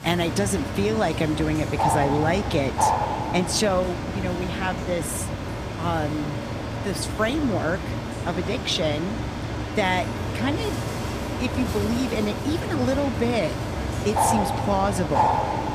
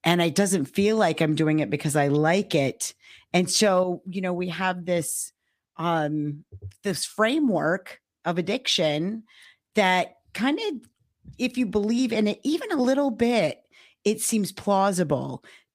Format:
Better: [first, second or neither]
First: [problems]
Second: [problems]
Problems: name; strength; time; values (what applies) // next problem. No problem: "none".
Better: second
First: animal sounds; loud; throughout; 1 dB below the speech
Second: none